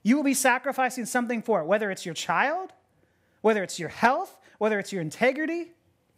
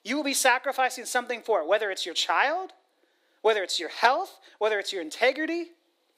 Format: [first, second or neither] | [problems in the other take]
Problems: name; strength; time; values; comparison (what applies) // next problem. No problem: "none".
first | thin; somewhat; fading below 300 Hz